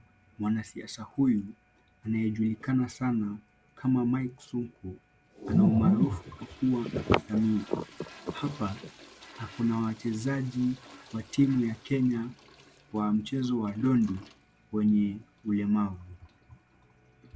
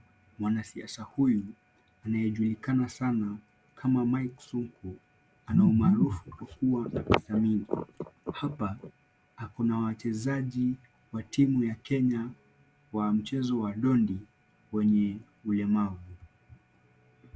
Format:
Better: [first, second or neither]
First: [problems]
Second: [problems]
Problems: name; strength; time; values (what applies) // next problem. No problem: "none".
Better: second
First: background sound (Toilet flush); 20 dB below the speech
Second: none